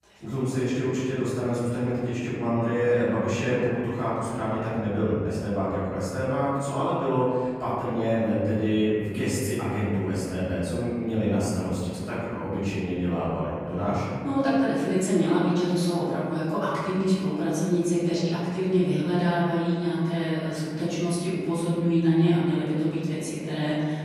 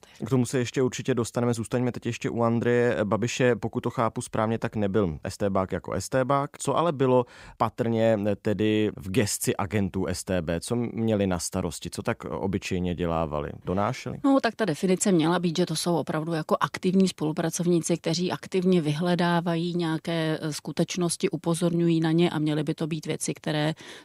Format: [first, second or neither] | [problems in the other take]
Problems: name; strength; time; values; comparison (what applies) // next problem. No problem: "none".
second | off-mic speech; far // room echo; strong; dies away in 1.9 s